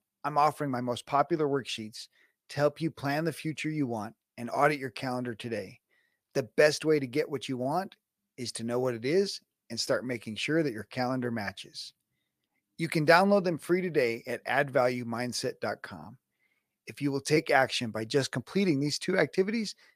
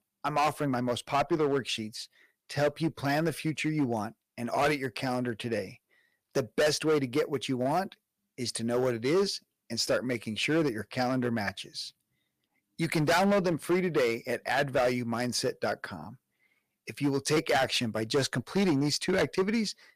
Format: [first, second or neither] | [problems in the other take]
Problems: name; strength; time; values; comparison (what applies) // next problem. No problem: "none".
first | distortion; heavy; 7% of the sound clipped